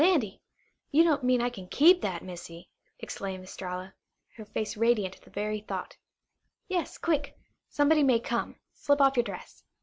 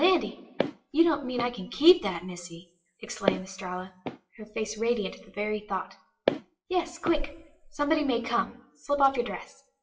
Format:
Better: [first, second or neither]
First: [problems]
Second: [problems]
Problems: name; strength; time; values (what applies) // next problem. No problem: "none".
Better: first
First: none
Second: noise reduction (classical method WPE with log-MMSE)